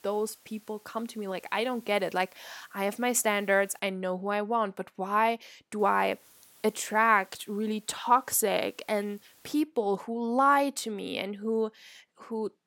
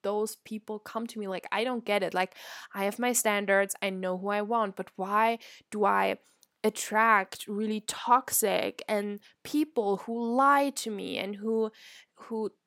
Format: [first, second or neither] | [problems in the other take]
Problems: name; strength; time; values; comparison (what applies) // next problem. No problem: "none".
second | hiss; faint; until 4 s and from 6 to 9.5 s; 30 dB below the speech